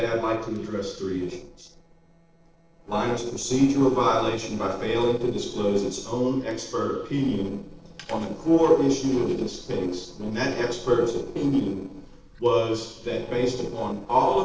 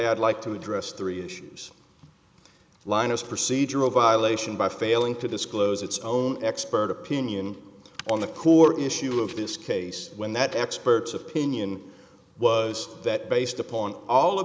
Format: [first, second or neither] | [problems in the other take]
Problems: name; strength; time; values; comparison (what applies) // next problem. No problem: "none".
second | noise reduction (neural separator model SepFormer DNS4)